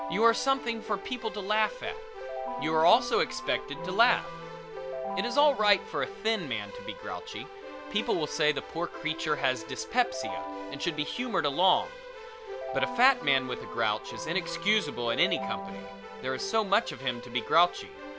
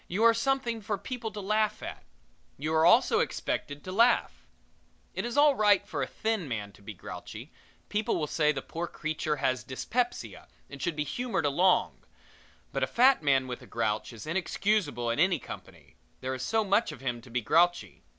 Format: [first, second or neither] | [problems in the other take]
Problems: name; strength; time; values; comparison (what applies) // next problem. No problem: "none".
second | background sound (Keyboard (musical)); 9 dB below the speech